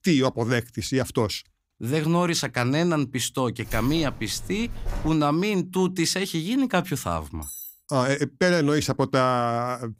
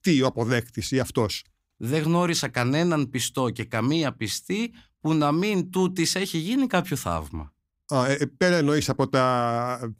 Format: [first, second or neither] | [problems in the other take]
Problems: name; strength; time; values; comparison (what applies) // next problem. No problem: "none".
second | jangling keys; faint; from 3.5 to 5 s; peak 10 dB below the speech // clattering dishes; faint; at 7.5 s; peak 10 dB below the speech